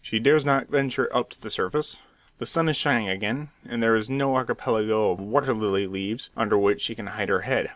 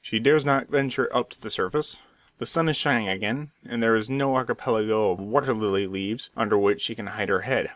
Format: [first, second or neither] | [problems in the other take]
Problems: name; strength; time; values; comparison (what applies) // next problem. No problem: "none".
first | noise reduction (neural mask model Resemble Enhance denoiser)